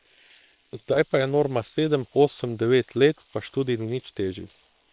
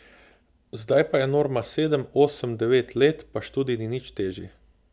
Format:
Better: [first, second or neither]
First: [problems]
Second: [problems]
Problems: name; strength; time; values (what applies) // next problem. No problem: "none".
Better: second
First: noise reduction (neural separator model SepFormer WHAM!)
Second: none